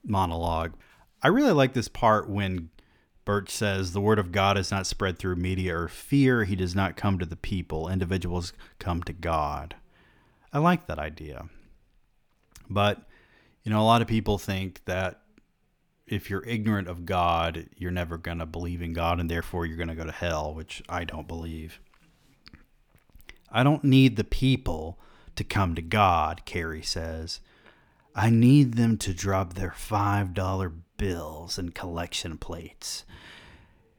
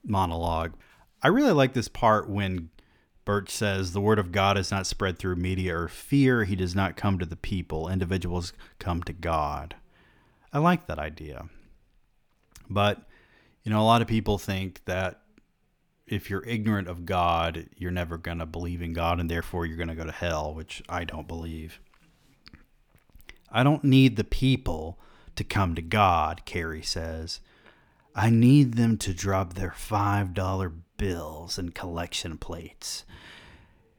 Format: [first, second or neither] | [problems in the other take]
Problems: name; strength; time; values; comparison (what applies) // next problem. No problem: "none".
neither | none